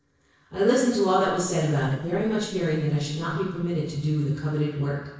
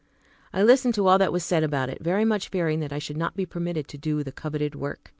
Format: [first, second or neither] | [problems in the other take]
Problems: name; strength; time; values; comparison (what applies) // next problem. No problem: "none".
second | noise reduction (neural separator model SepFormer DNS4)